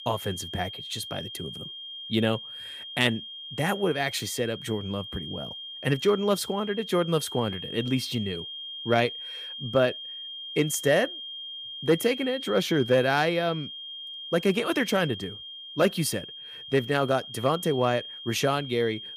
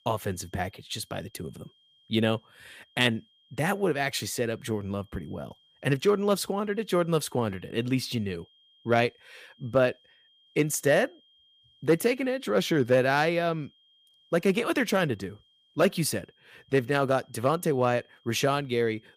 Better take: second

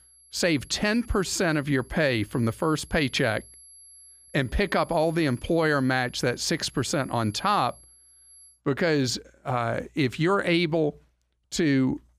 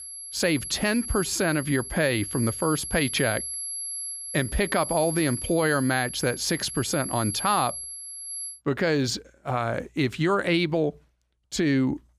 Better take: first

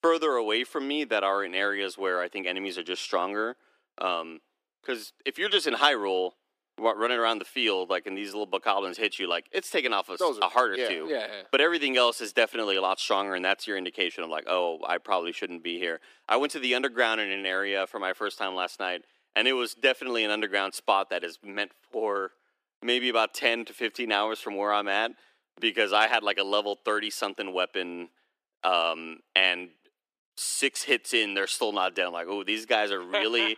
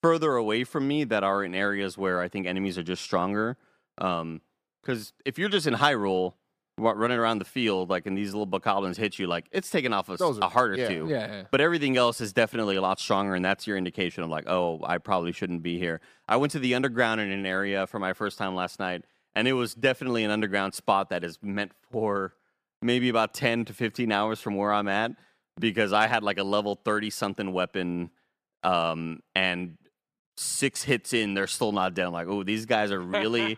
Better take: second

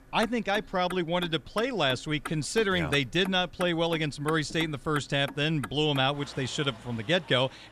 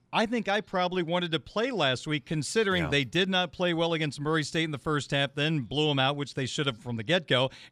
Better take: second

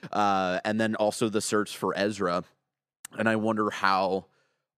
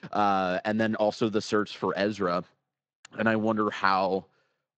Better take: first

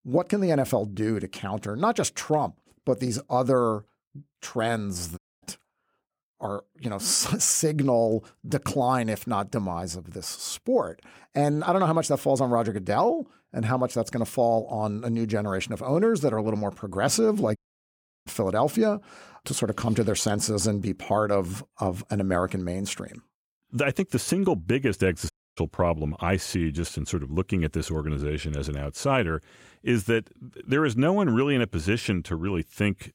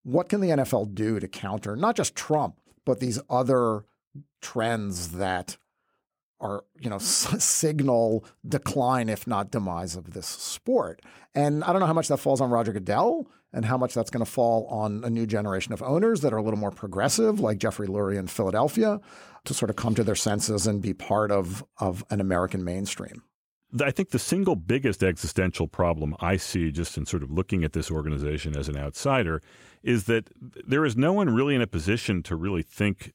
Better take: second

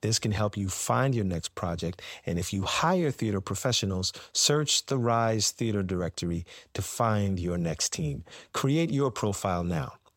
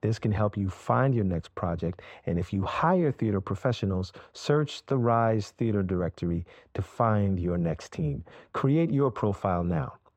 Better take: first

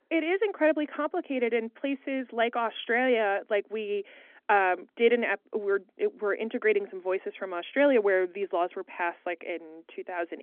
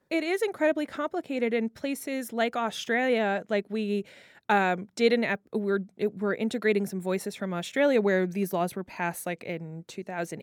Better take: second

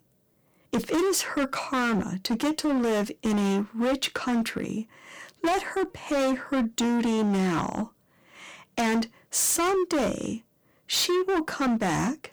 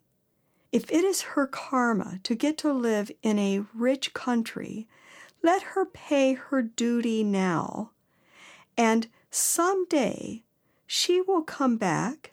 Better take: second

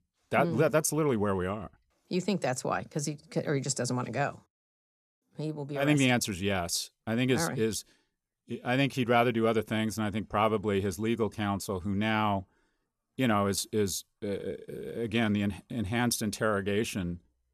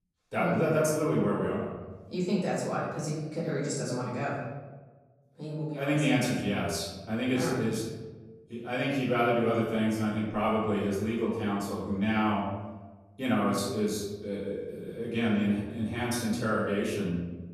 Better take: first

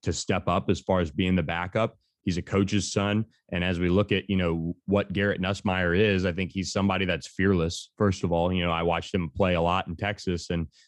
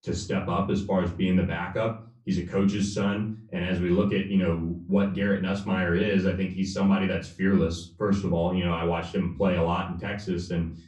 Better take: first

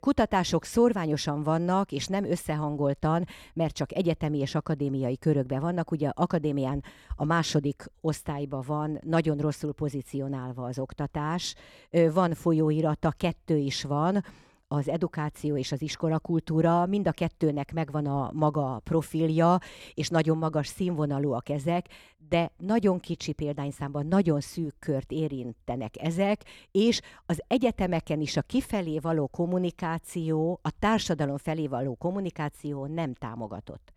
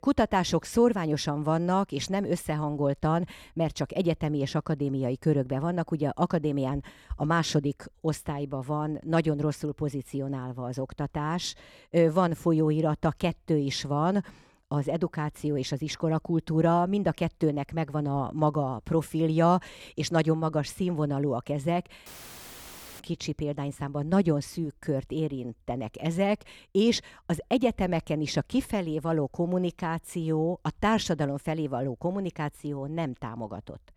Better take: first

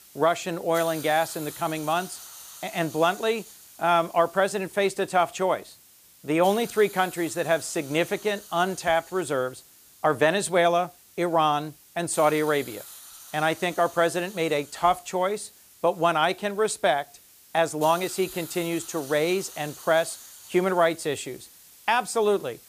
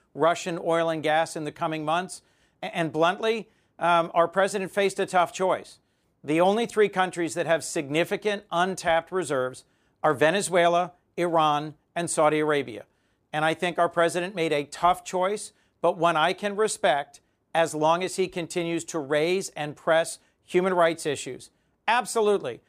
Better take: second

